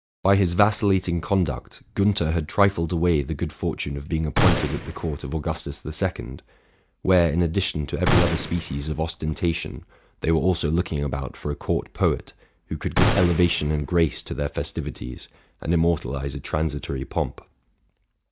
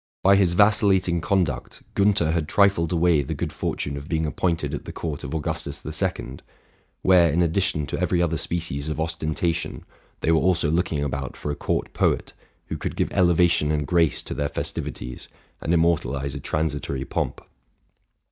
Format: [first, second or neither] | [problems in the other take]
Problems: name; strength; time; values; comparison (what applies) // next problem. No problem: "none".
second | background sound (Gunshot, gunfire); 2 dB below the speech